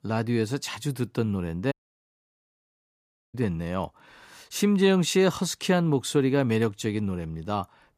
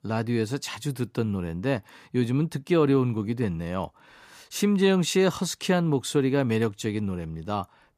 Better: second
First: audio cutting out; at 1.5 s for 1.5 s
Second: none

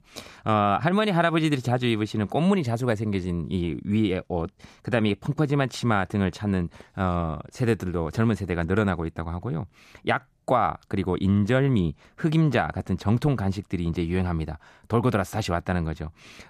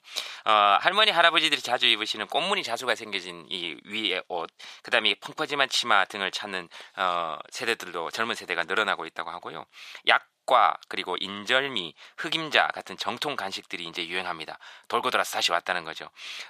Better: first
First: none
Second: thin; very; fading below 800 Hz

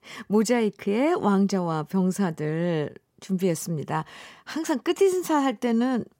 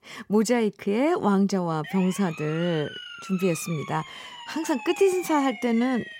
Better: first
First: none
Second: siren; faint; from 2 s on; peak 10 dB below the speech

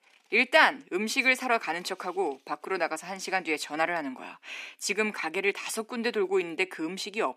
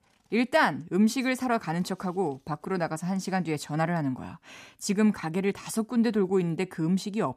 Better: second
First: thin; somewhat; fading below 300 Hz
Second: none

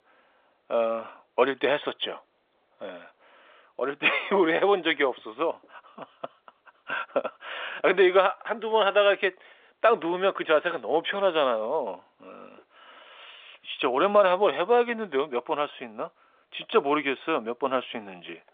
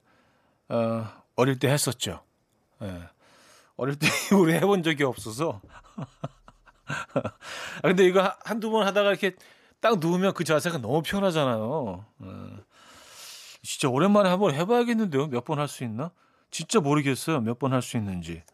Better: second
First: phone-call audio; nothing above 3.5 kHz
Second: none

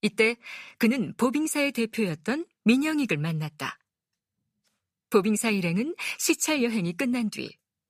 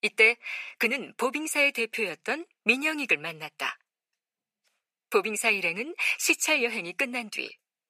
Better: first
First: none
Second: thin; somewhat; fading below 500 Hz

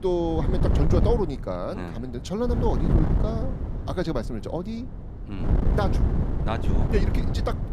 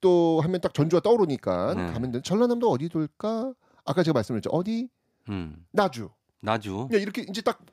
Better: second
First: wind noise on the microphone; heavy; 4 dB below the speech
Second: none

